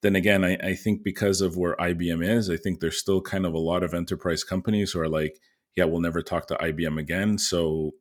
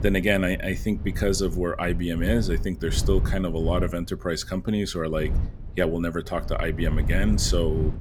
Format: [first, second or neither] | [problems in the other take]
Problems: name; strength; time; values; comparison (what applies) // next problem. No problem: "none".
first | wind noise on the microphone; occasional gusts; 15 dB below the speech